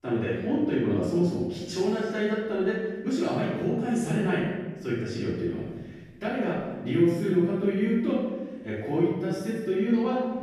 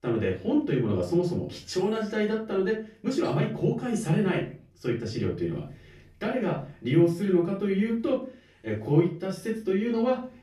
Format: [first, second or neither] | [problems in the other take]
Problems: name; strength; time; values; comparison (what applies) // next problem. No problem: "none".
second | room echo; strong; dies away in 1.1 s; slight in the second // off-mic speech; far; far in the second